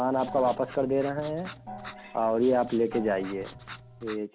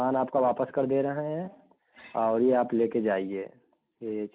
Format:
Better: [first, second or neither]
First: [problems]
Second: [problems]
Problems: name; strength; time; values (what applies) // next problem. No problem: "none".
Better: second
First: background sound (Gong + Writing); 16 dB below the speech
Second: none